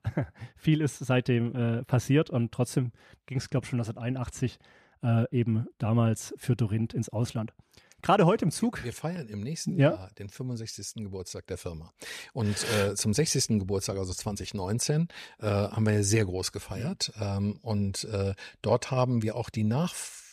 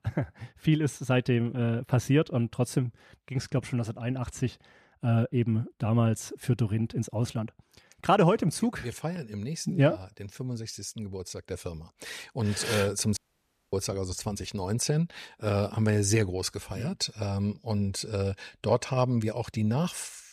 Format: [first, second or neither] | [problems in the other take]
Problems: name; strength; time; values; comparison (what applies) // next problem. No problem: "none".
first | audio cutting out; at 13 s for 0.5 s